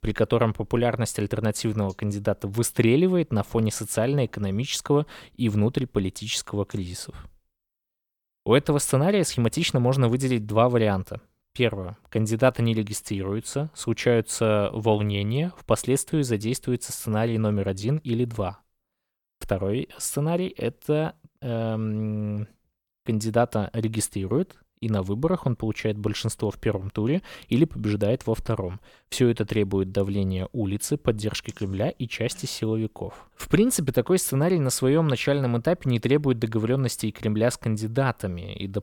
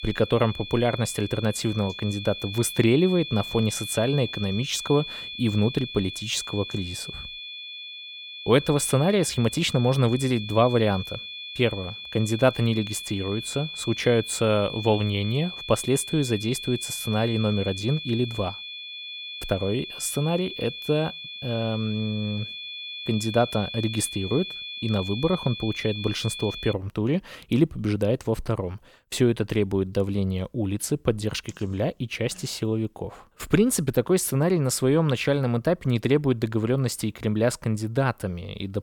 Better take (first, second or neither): first